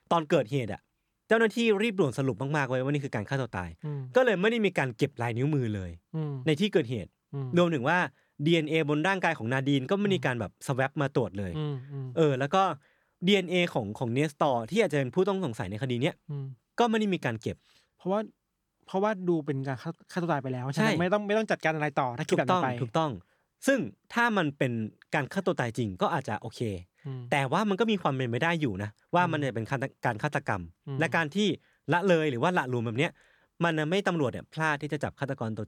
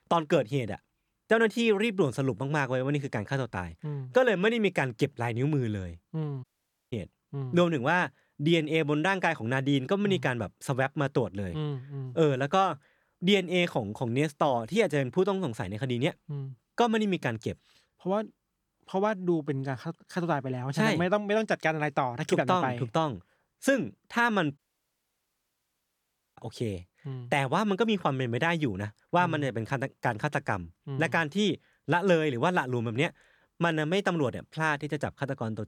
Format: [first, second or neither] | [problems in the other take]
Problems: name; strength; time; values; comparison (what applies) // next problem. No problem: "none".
first | audio cutting out; at 6.5 s and at 25 s for 2 s